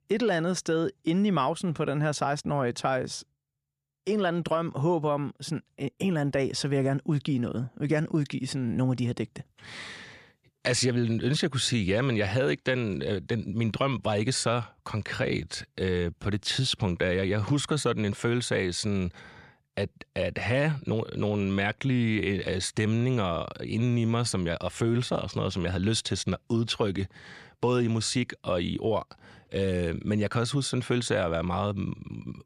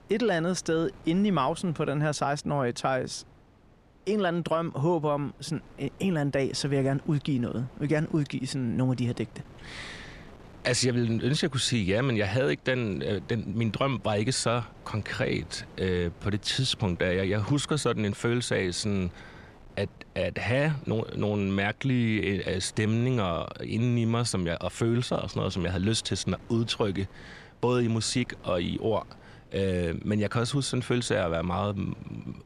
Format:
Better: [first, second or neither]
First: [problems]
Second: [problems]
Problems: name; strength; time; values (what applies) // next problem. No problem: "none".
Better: first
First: none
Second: wind noise on the microphone; occasional gusts; 25 dB below the speech